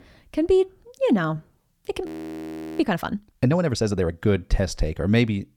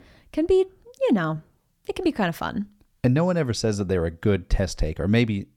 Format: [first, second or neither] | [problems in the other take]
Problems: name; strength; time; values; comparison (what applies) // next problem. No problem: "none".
second | audio freezing; at 2 s for 0.5 s